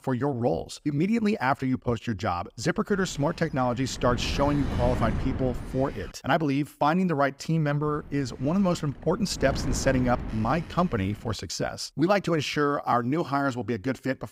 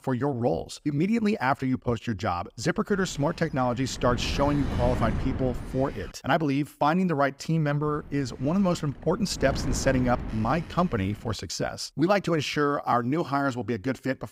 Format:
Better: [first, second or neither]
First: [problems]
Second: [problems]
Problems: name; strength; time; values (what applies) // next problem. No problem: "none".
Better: neither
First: wind noise on the microphone; occasional gusts; from 3 to 6 s and from 8 to 11 s; 15 dB below the speech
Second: wind noise on the microphone; occasional gusts; from 3 to 6 s and from 8 to 11 s; 15 dB below the speech